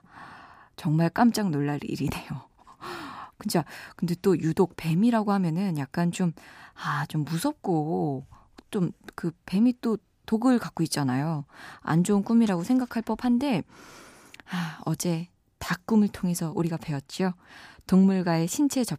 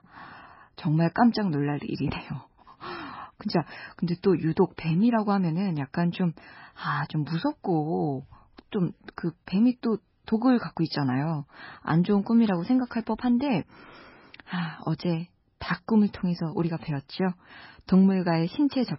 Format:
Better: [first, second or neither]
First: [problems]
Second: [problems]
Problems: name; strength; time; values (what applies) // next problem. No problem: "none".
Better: first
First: none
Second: garbled, watery; badly; nothing above 5.5 kHz